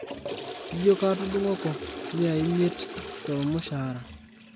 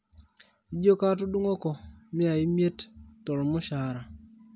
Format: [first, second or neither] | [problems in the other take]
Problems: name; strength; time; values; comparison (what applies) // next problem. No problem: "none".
second | background sound (Toilet flush / Water); 10 dB below the speech